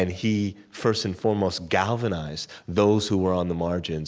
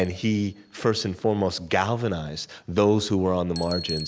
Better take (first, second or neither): first